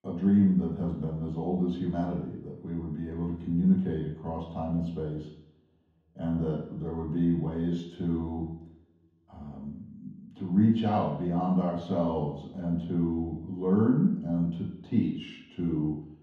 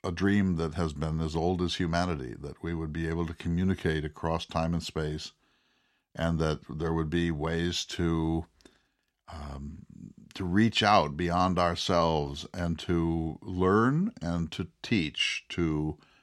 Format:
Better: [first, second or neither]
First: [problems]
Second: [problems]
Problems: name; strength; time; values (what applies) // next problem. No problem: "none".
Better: second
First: room echo; noticeable; dies away in 0.9 s // off-mic speech; far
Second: none